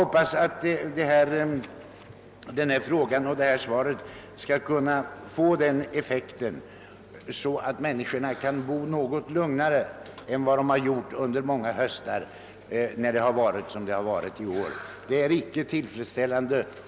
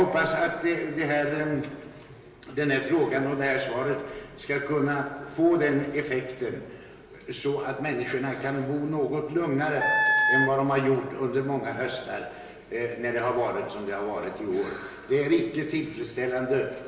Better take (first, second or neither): first